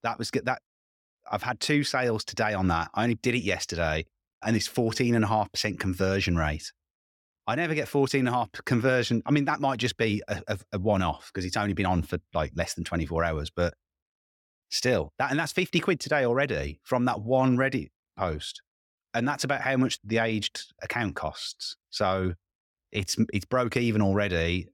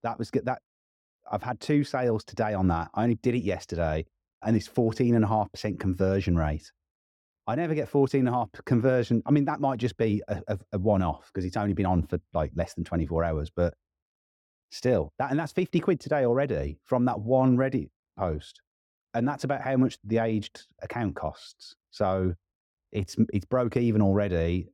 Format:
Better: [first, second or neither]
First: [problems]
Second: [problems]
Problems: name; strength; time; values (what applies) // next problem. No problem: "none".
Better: first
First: none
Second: muffled; slightly; fading above 1 kHz